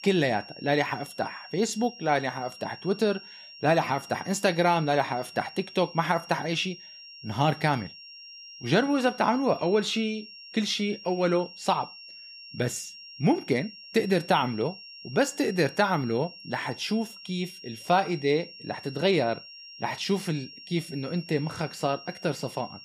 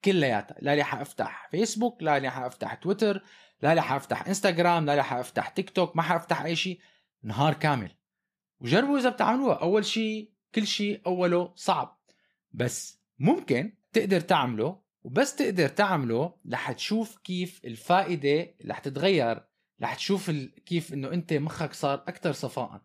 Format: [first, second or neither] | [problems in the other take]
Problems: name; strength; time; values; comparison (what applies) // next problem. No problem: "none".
second | high-pitched whine; noticeable; throughout; 5.5 kHz, 15 dB below the speech